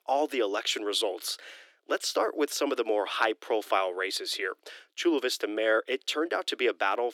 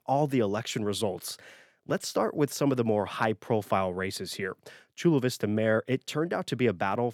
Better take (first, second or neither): second